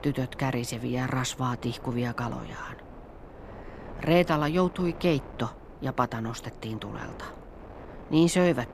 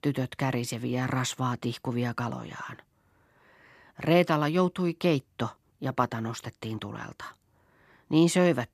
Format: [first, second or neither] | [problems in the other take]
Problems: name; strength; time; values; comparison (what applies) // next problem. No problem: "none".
second | wind noise on the microphone; occasional gusts; 15 dB below the speech